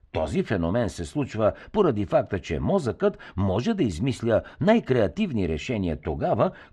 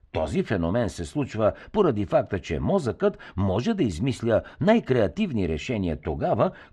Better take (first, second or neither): neither